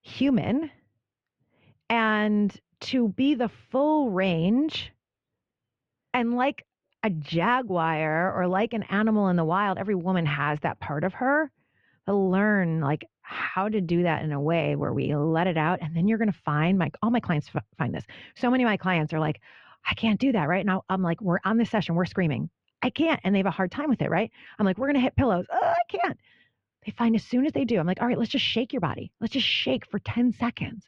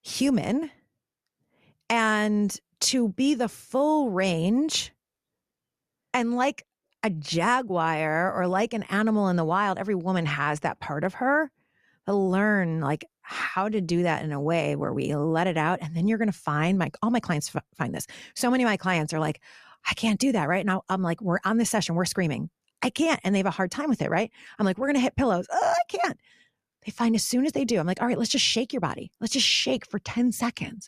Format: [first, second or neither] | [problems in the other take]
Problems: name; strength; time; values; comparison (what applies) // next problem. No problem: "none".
second | muffled; slightly; fading above 3 kHz